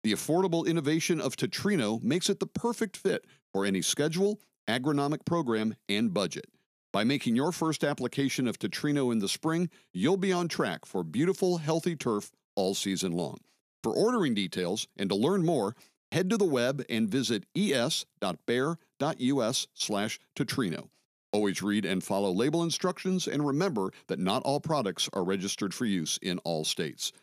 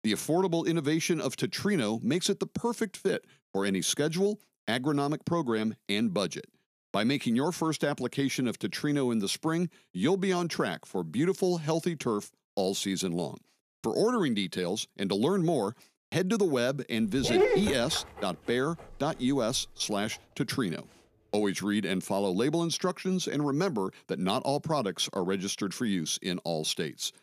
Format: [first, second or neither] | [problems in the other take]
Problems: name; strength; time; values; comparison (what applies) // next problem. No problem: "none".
first | dog barking; loud; at 17 s; peak 5 dB above the speech